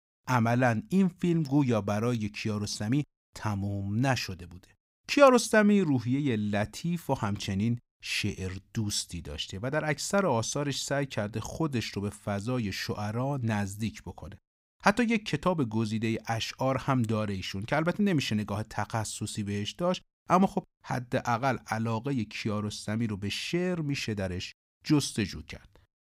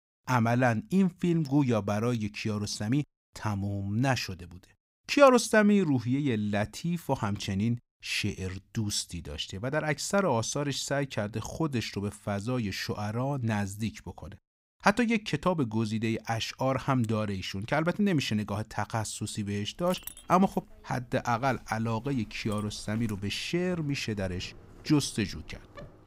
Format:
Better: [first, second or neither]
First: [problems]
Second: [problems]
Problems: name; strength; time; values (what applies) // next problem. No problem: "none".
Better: first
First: none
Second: household noises; faint; from 20 s on; 20 dB below the speech